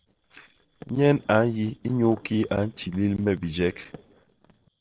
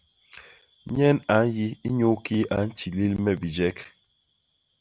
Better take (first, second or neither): second